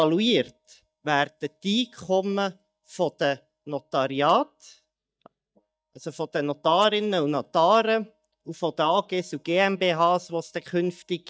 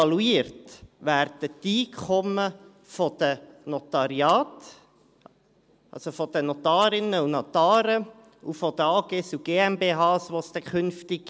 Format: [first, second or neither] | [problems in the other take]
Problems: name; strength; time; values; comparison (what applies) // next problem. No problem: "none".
second | noise reduction (neural mask model DeepFilterNet 3)